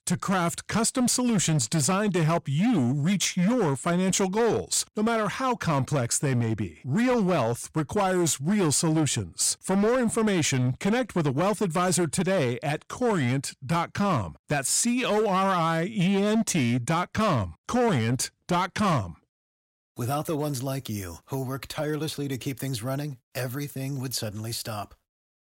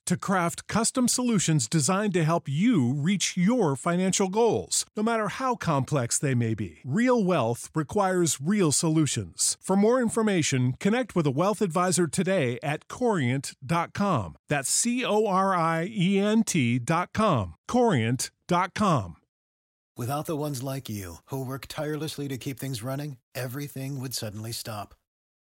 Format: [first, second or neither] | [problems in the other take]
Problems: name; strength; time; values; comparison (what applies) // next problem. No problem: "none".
second | distortion; slight; 13% of the sound clipped